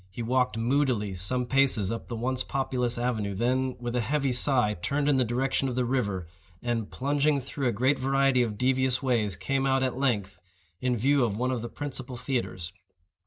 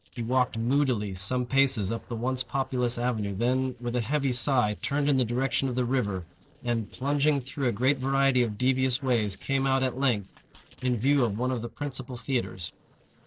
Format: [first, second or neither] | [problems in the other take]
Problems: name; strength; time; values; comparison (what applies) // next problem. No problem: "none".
first | noise reduction (neural separator model SepFormer DNS4)